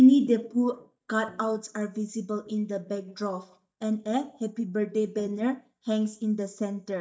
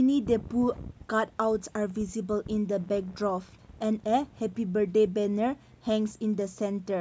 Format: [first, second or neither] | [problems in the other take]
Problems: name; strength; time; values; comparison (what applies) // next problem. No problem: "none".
second | noise reduction (neural mask model DeepFilterNet 3)